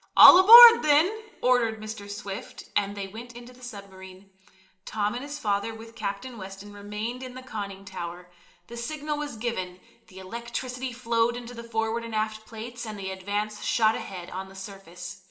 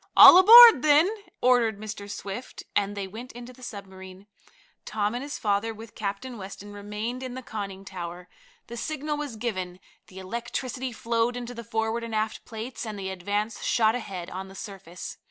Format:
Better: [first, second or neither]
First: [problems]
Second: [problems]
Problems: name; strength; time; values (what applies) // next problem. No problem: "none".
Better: second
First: room echo; dies away in 1.2 s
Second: none